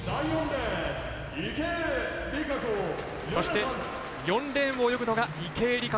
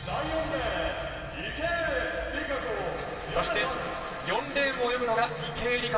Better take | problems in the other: first | room echo; dies away in 2.5 s

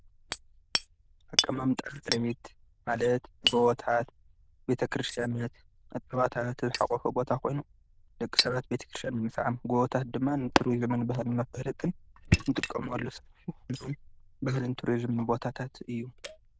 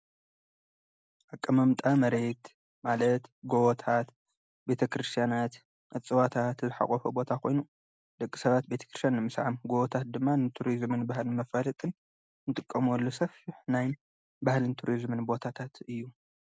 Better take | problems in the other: second | noise reduction (neural diffusion model UNIVERSE++)

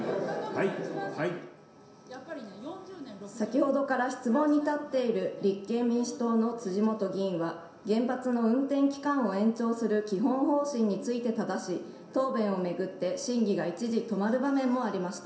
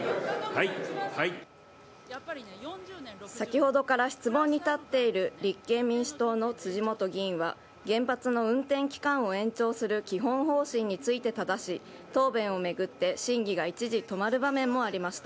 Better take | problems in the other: second | room echo; dies away in 0.7 s

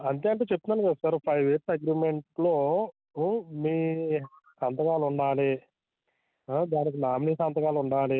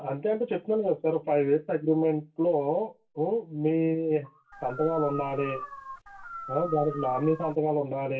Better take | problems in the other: first | background sound (Dog); 11 dB below the speech // room echo; dies away in 0.2 s

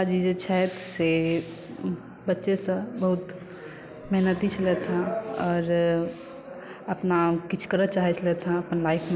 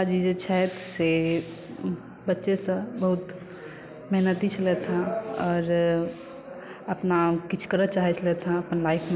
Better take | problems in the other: second | background sound (Burping, eructation); 17 dB below the speech

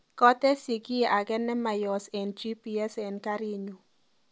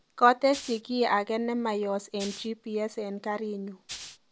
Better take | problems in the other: first | background sound (Rattle (instrument)); 14 dB below the speech

